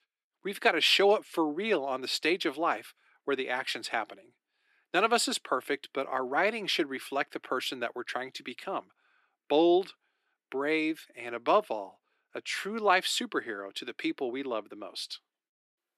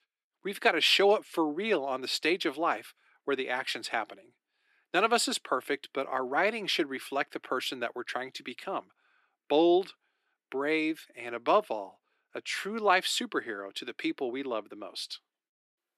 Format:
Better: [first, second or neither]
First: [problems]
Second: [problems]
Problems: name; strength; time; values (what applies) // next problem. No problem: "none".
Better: neither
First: thin; somewhat; fading below 350 Hz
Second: thin; somewhat; fading below 350 Hz